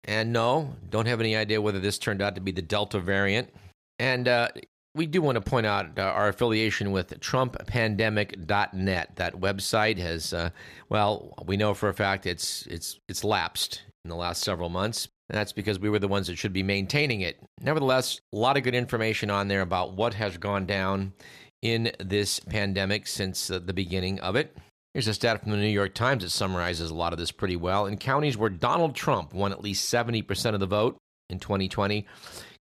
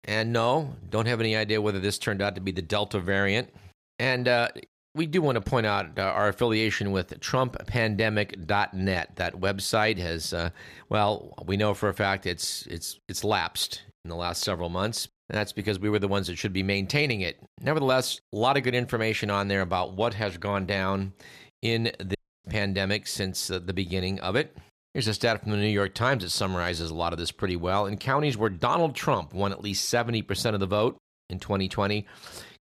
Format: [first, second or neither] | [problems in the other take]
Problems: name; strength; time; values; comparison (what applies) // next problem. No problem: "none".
first | audio cutting out; at 22 s